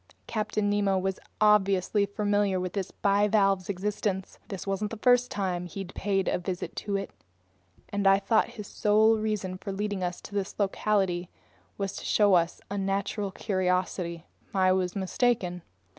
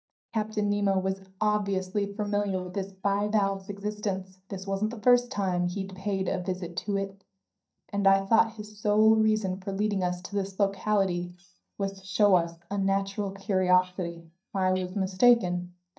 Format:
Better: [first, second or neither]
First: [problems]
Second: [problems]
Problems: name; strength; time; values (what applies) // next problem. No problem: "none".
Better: first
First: none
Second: noise reduction (neural mask model DeepFilterNet 3)